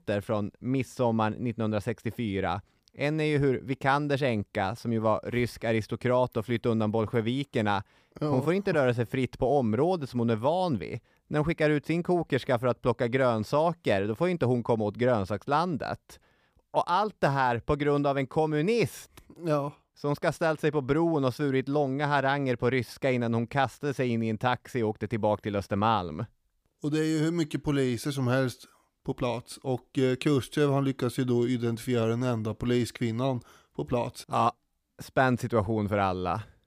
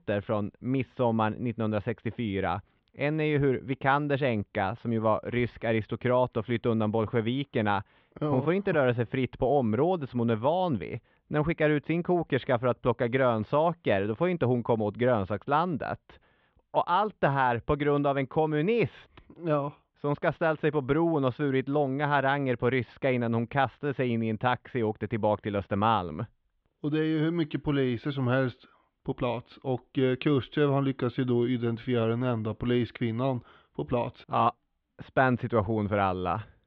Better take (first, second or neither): first